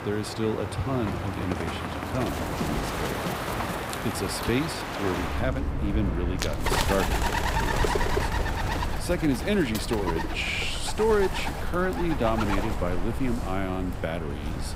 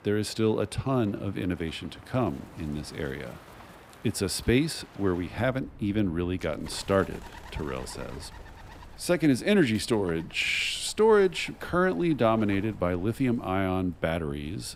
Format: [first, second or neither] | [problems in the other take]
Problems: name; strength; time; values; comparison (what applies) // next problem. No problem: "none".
second | animal sounds; loud; throughout; 1 dB below the speech; faint in the second